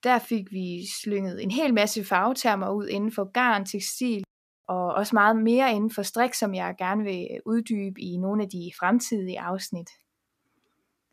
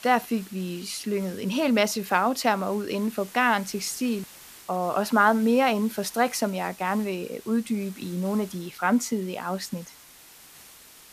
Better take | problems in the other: first | hiss; noticeable; throughout; 20 dB below the speech

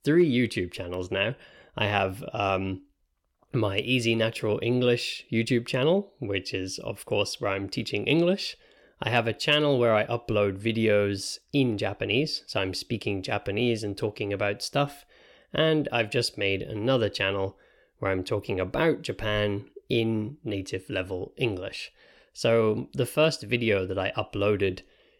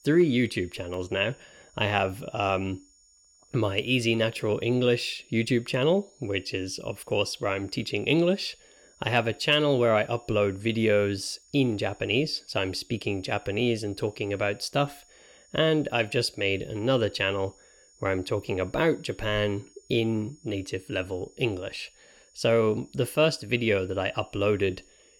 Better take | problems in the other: first | high-pitched whine; faint; throughout; 7 kHz, 30 dB below the speech

